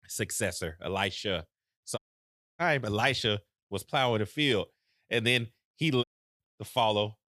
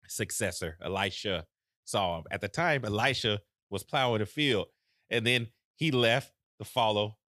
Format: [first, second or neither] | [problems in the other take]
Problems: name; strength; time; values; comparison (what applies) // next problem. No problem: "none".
second | audio cutting out; at 2 s for 0.5 s and at 6 s